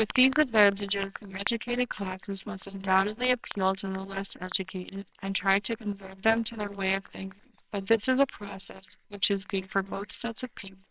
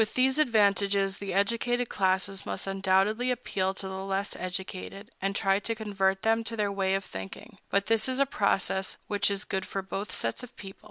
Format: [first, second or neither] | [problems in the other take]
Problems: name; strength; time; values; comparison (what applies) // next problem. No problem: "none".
second | noise reduction (neural separator model SepFormer WHAMR!)